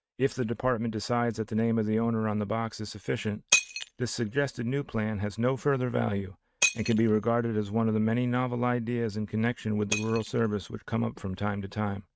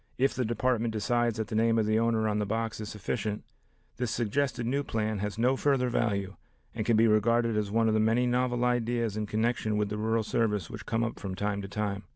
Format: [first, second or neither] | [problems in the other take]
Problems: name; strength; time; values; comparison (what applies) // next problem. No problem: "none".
second | noise reduction (neural mask model RNNoise)